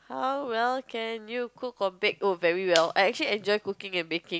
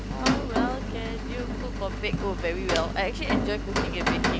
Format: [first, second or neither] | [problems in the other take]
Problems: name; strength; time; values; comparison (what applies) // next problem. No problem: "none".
first | background sound (Rain); 4 dB above the speech